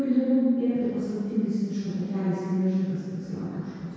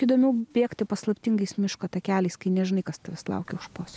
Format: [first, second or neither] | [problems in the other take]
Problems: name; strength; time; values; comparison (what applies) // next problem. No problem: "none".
second | room echo; dies away in 2 s